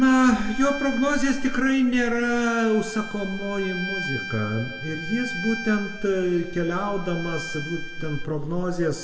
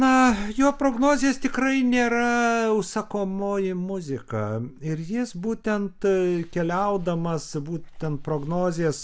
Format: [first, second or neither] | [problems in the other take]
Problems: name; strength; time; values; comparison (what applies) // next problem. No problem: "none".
second | background sound (Bowed string instrument); 12 dB below the speech // room echo; dies away in 1.3 s